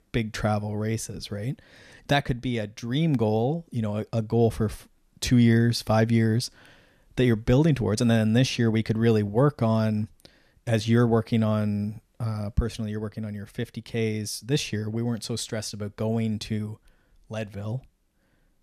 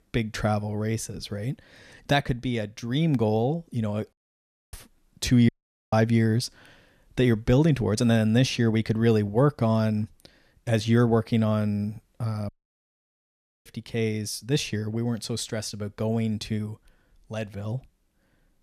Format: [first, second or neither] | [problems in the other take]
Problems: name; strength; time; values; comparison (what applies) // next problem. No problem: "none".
first | audio cutting out; at 4 s for 0.5 s, at 5.5 s and at 12 s for 1 s